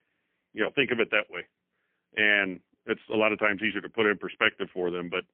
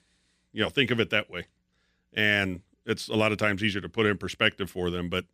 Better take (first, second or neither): second